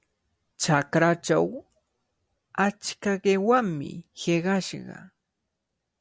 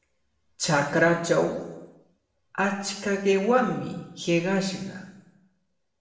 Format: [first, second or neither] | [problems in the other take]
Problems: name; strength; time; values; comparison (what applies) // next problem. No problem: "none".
first | room echo; dies away in 0.9 s